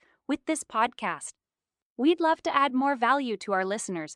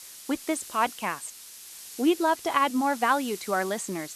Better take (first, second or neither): first